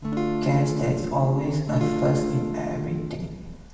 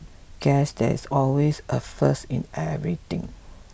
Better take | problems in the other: second | background sound (Acoustic guitar / Strum); 2 dB below the speech // room echo; dies away in 1.1 s

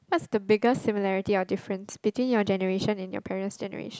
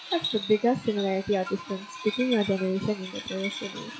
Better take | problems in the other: first | noise reduction (classical method log-MMSE)

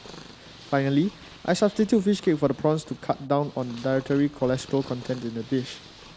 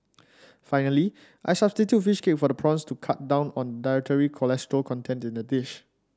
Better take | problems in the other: second | background sound (Purr); 20 dB below the speech

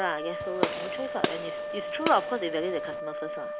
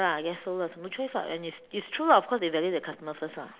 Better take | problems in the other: second | background sound (Gunshot, gunfire + Wind instrument, woodwind instrument); 2 dB below the speech

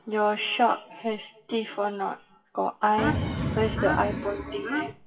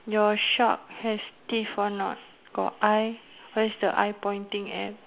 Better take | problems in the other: second | noise reduction (classical method WPE with log-MMSE)

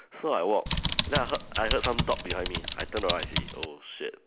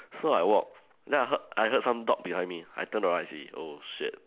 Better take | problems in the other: second | background sound (Typing); as loud as the speech

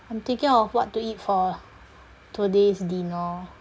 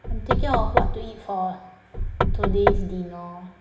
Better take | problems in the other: first | background sound (Knock / Wood); 5 dB above the speech // room echo; dies away in 1.1 s

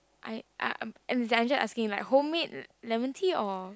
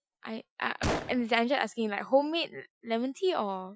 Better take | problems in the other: first | noise reduction (classical method Wiener filter)

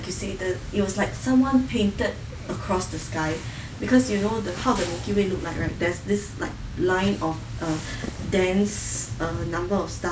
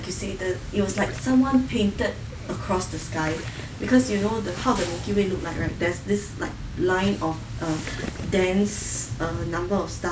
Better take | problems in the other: first | background sound (Gurgling / Liquid + Electric guitar); 18 dB below the speech

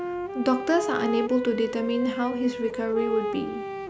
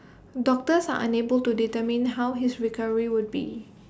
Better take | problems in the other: second | background sound (Wind instrument, woodwind instrument); 5 dB below the speech

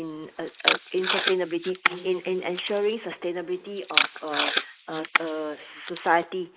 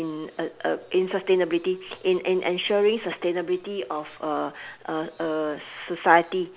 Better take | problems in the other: second | noise reduction (neural mask model Resemble Enhance denoiser)

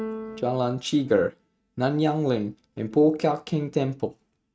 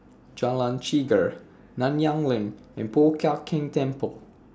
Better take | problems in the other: second | noise reduction (neural mask model RNNoise)

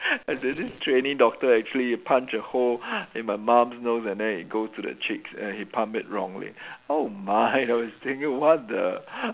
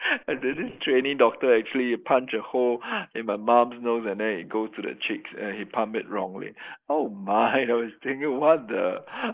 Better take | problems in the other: first | noise reduction (neural mask model Resemble Enhance denoiser)

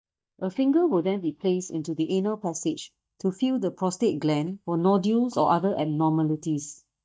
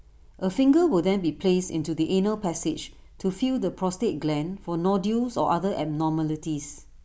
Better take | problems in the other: second | noise reduction (neural mask model DeepFilterNet 3)

